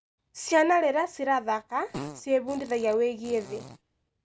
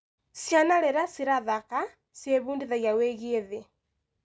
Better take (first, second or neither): second